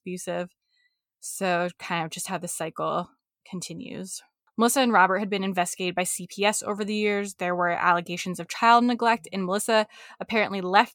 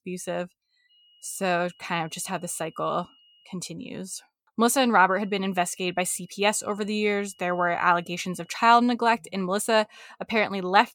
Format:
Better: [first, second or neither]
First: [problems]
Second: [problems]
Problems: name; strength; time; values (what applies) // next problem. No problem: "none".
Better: first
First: none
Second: high-pitched whine; faint; from 1 to 3.5 s and from 5 to 9 s; 3 kHz, 30 dB below the speech